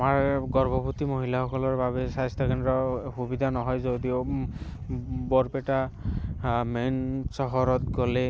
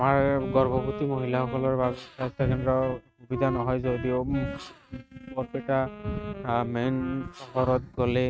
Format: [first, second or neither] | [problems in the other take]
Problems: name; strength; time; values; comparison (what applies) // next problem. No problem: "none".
first | noise reduction (neural mask model RNNoise)